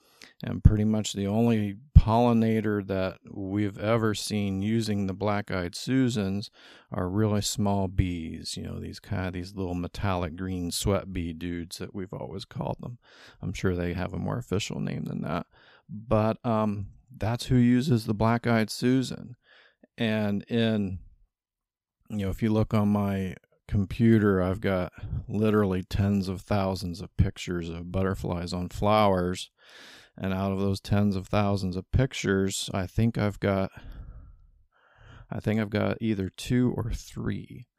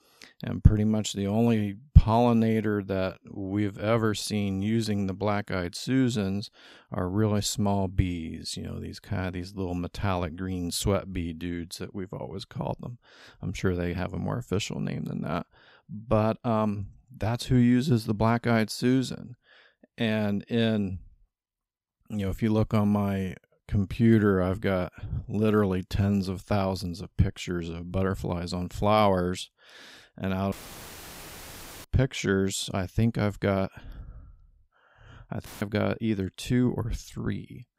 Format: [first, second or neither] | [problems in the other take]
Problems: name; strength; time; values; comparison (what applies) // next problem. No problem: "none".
first | audio cutting out; filled with static; at 31 s for 1.5 s and at 35 s